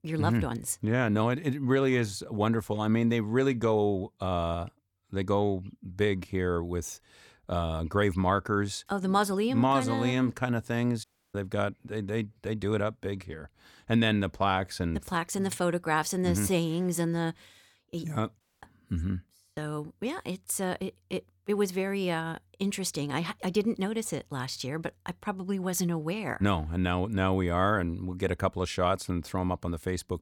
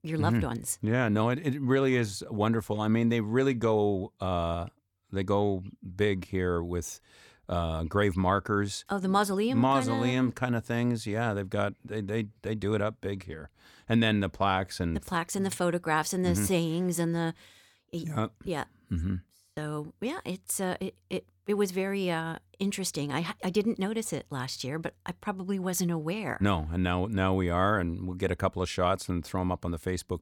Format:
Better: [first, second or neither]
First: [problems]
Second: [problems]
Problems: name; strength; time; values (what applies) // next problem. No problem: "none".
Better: second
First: audio cutting out; at 11 s and at 18 s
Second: none